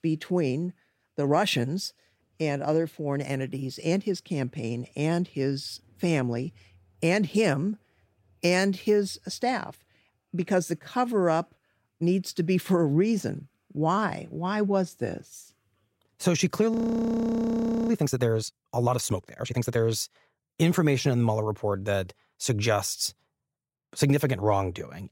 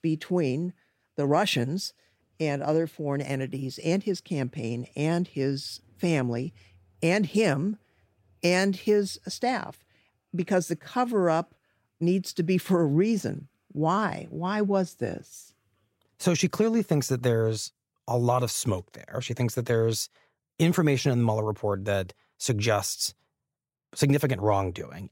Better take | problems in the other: second | audio freezing; at 17 s for 1 s

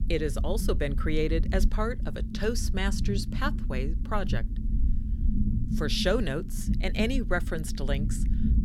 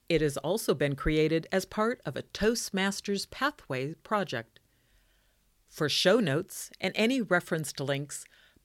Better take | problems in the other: second | low rumble; noticeable; throughout; 10 dB below the speech

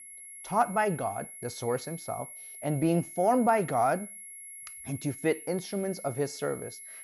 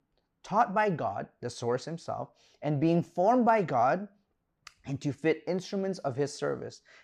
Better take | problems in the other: second | high-pitched whine; noticeable; throughout; 11 kHz, 10 dB below the speech

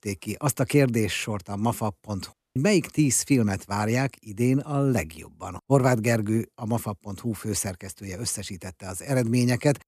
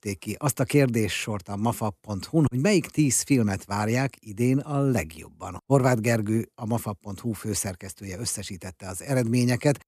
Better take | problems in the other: second | audio cutting out; at 2.5 s

